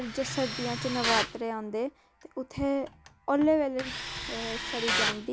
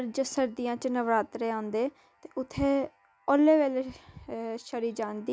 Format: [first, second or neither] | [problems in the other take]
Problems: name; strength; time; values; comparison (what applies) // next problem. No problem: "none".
second | background sound (Tools); 4 dB below the speech